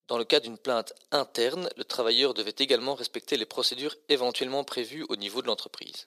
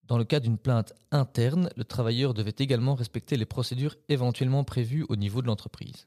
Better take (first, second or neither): second